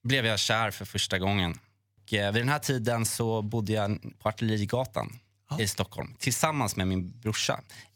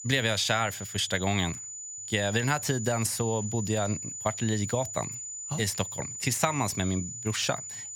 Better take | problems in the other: first | high-pitched whine; loud; throughout; 7 kHz, 7 dB below the speech

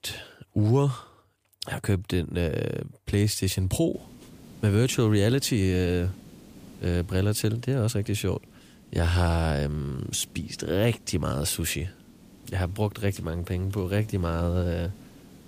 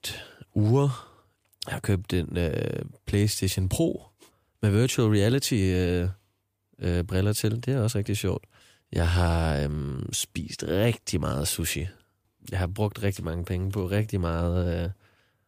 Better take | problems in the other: second | hiss; faint; from 4 s on; 20 dB below the speech

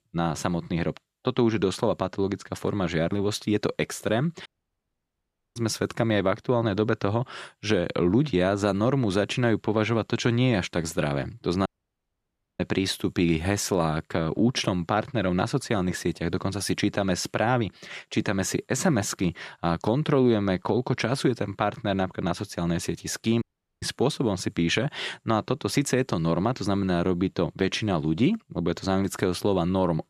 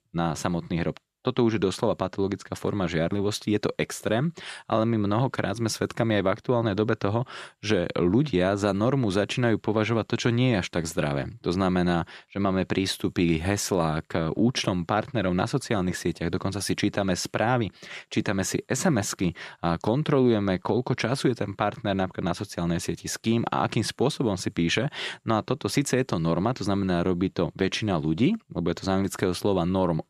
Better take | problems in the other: second | audio cutting out; at 4.5 s for 1 s, at 12 s for 1 s and at 23 s

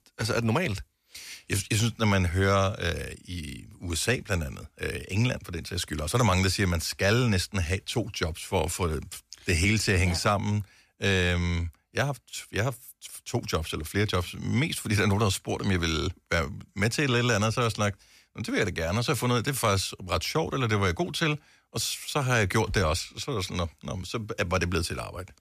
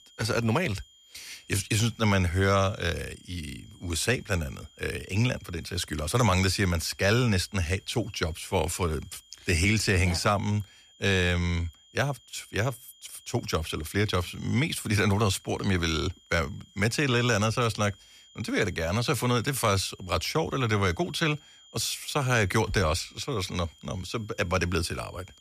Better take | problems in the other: first | high-pitched whine; faint; throughout; 3 kHz, 25 dB below the speech

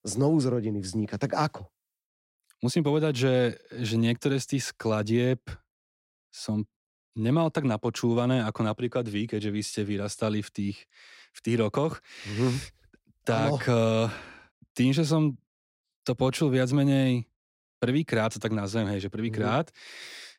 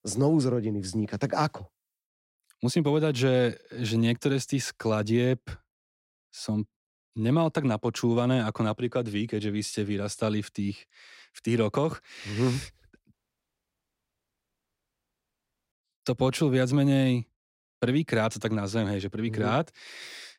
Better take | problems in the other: first | audio cutting out; at 13 s for 2.5 s

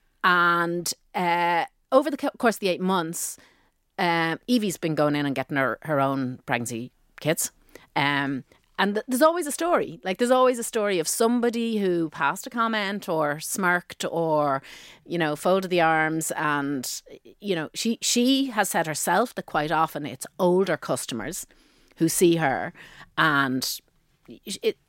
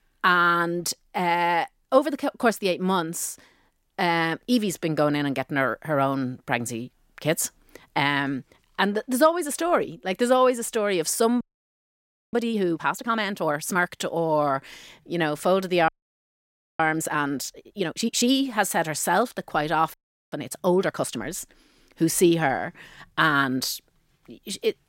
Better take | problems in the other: first | audio freezing; at 11 s for 1 s, at 16 s for 1 s and at 20 s

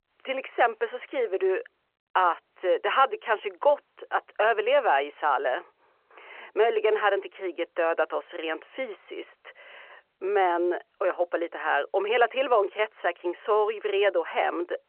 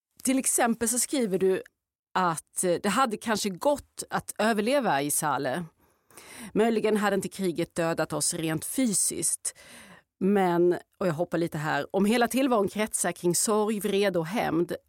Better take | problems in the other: second | phone-call audio

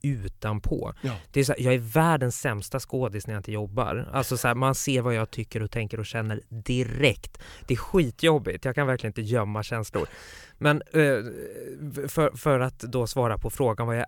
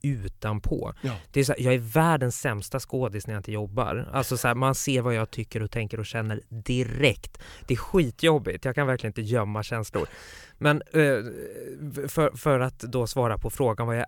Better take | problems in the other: neither | none

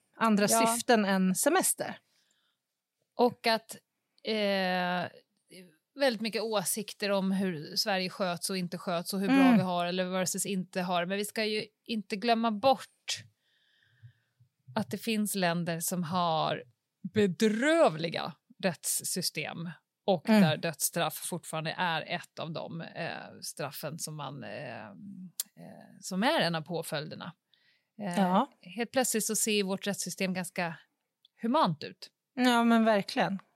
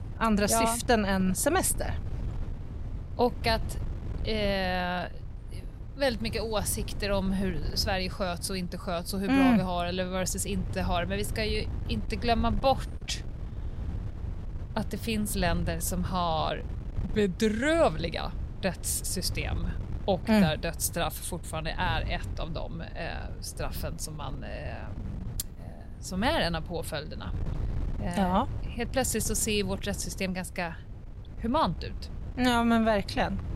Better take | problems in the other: first | wind noise on the microphone; occasional gusts; 20 dB below the speech

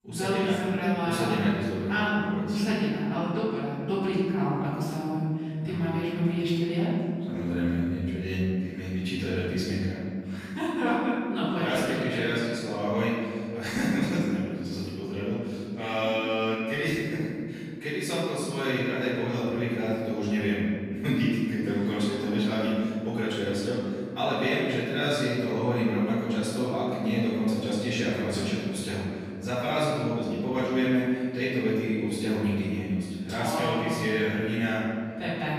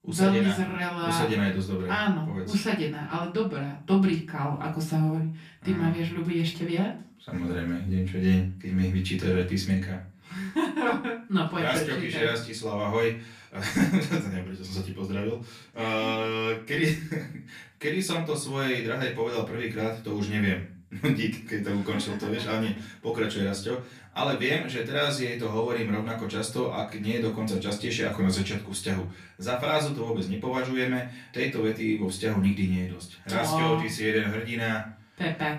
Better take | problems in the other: second | room echo; strong; dies away in 2.3 s; slight in the second // off-mic speech; far; far in the second

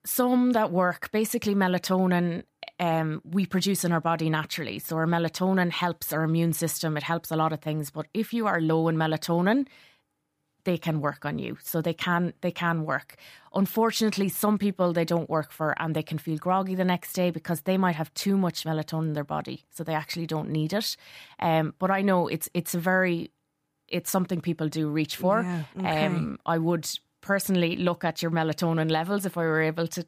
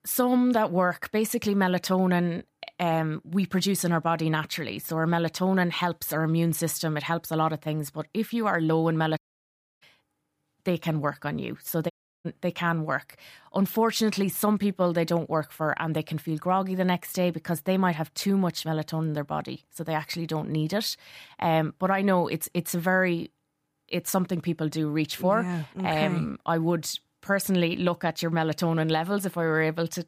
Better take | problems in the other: first | audio cutting out; at 9 s for 0.5 s and at 12 s

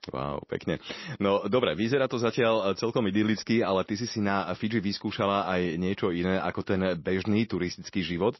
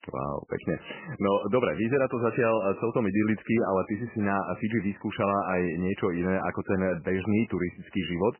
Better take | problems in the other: first | garbled, watery; badly; nothing above 3 kHz; slightly in the first

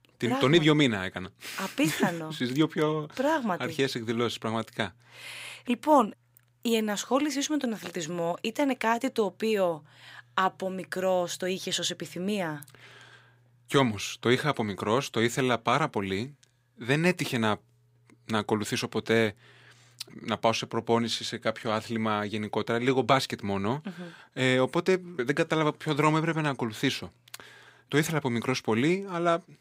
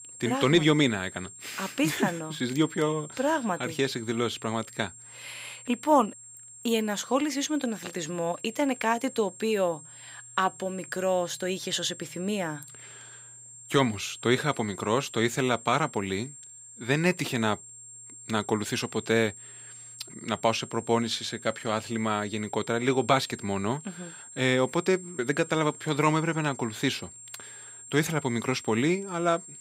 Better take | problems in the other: first | high-pitched whine; noticeable; throughout; 7.5 kHz, 15 dB below the speech

